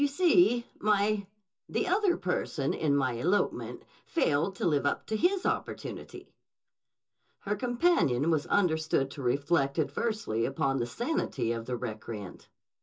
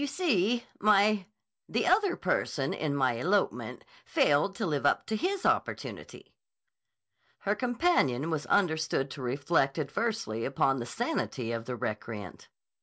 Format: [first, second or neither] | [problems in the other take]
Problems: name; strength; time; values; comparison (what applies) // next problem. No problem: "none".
second | room echo; dies away in 0.2 s